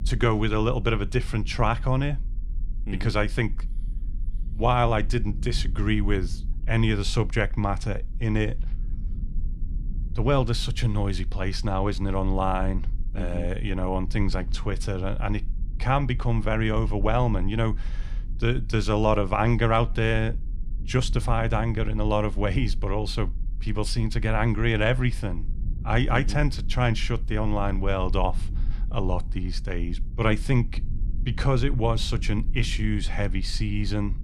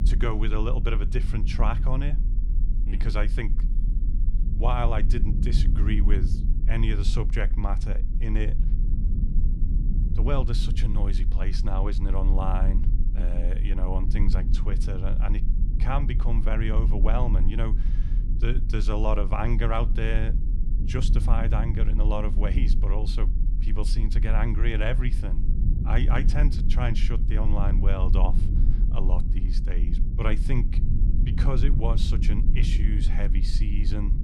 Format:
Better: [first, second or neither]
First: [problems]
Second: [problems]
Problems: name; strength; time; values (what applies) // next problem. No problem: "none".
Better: first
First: low rumble; faint; throughout; 25 dB below the speech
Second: low rumble; loud; throughout; 9 dB below the speech